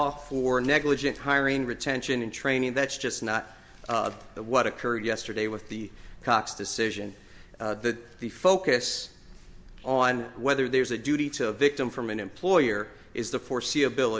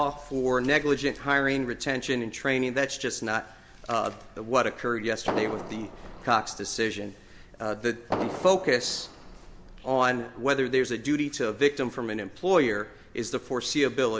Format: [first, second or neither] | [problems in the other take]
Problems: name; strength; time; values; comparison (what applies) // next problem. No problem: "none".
first | background sound (Fireworks); 10 dB below the speech